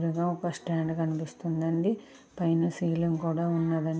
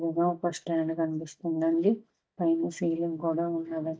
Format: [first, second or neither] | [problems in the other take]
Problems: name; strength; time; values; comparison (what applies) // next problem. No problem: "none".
first | noise reduction (neural mask model DeepFilterNet 3)